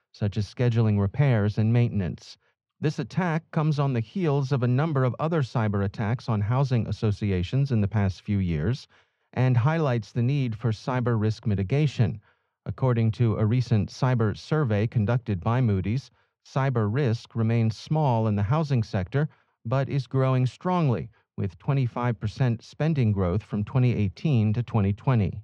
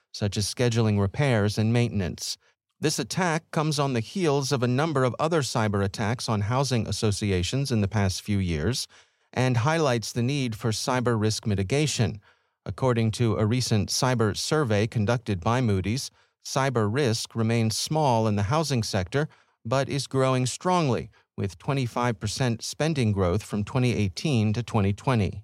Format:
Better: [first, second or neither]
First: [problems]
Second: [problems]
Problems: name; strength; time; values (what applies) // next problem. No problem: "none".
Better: second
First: muffled; slightly; fading above 3 kHz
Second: none